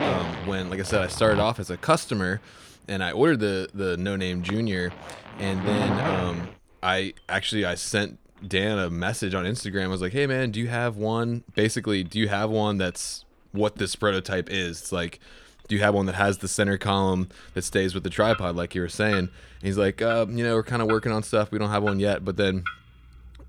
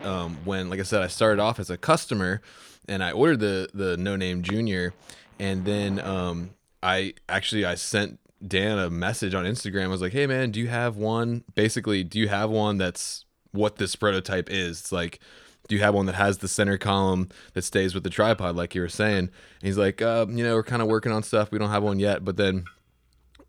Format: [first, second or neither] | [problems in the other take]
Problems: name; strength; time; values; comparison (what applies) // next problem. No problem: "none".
second | household noises; loud; throughout; 7 dB below the speech; faint in the second